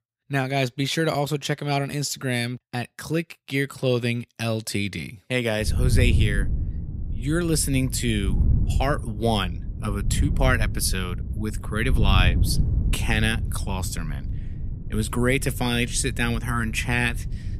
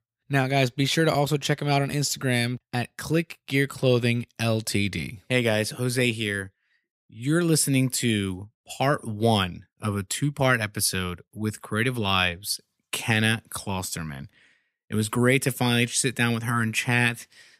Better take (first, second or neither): second